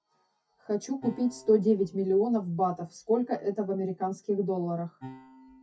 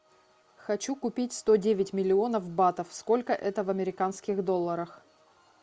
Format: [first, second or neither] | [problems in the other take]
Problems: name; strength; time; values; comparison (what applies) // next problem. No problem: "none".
second | noise reduction (classical method WPE with log-MMSE)